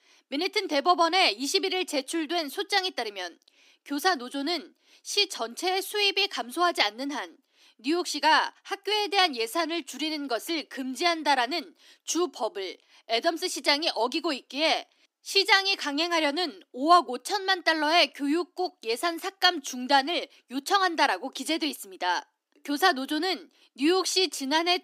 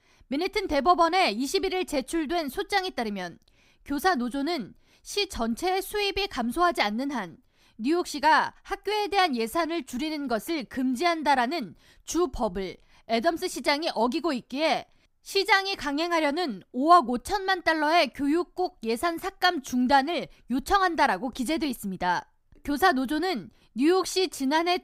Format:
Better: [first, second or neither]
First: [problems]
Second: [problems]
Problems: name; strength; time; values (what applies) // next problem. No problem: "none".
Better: second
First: thin; very slightly; fading below 300 Hz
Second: none